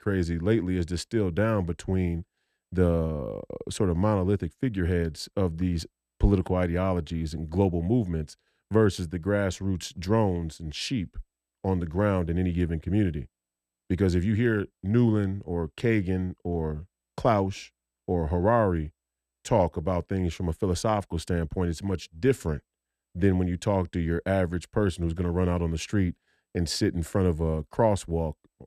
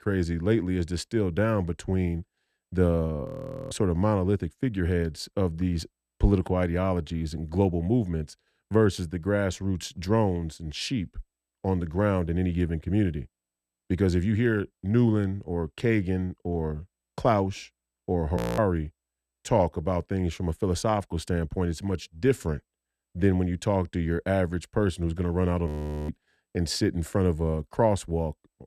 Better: first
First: none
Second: audio freezing; at 3.5 s, at 18 s and at 26 s

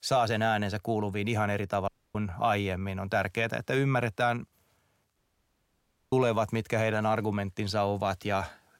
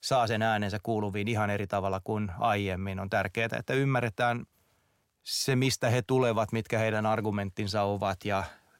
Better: second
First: audio cutting out; at 2 s and at 5 s for 1 s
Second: none

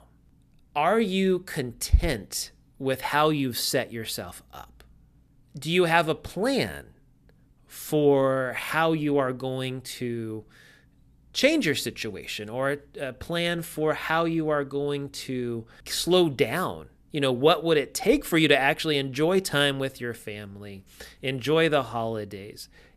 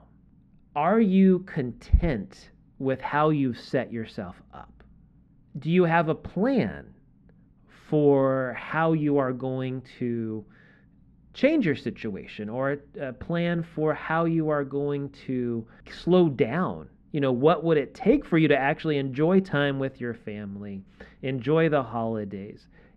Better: first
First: none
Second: muffled; very; fading above 2 kHz

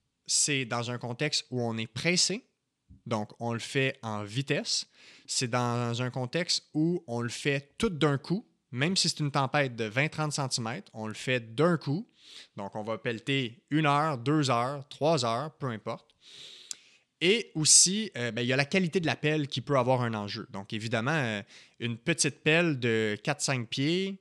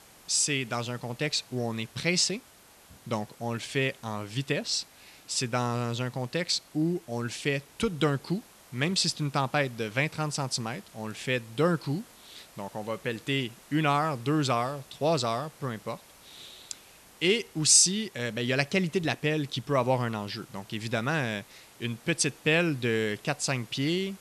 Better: first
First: none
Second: hiss; faint; throughout; 25 dB below the speech

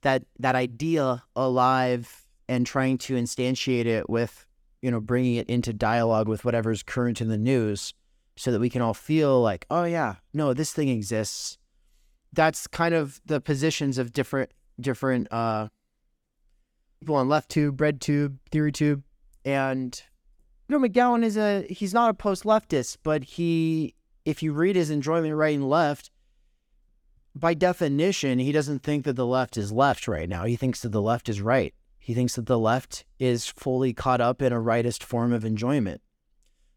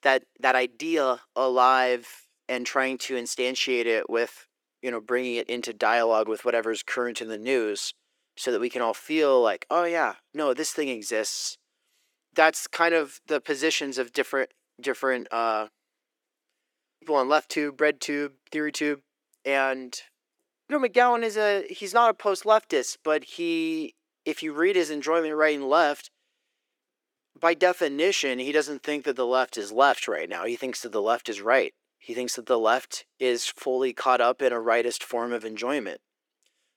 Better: first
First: none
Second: thin; somewhat; fading below 350 Hz

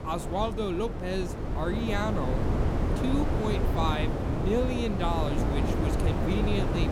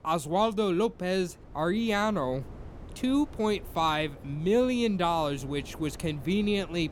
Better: second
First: wind noise on the microphone; heavy; 2 dB below the speech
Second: wind noise on the microphone; occasional gusts; 25 dB below the speech

